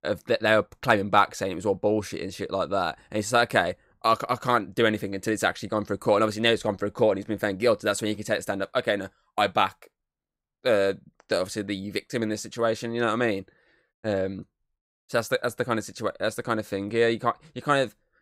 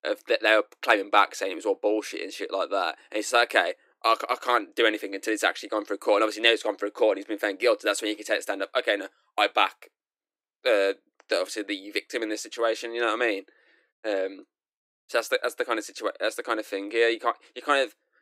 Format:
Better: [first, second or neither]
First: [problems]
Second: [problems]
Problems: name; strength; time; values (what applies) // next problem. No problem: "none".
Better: first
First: none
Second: thin; somewhat; fading below 300 Hz